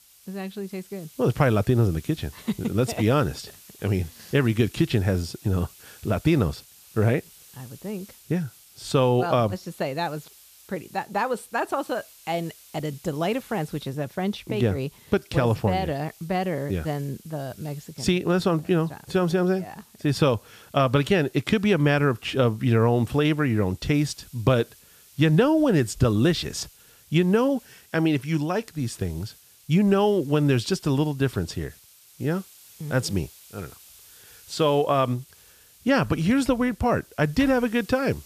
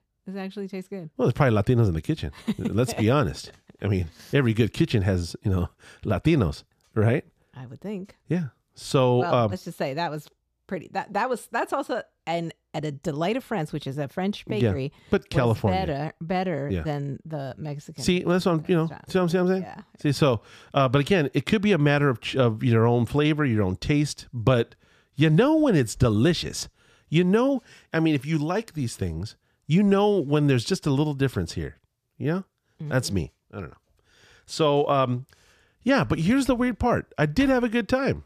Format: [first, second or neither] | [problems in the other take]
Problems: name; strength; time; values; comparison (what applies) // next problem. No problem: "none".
second | hiss; faint; throughout; 25 dB below the speech